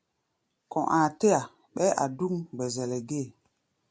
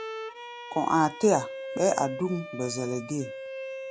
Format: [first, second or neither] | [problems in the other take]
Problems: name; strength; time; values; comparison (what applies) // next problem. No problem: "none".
first | background sound (Bowed string instrument); 10 dB below the speech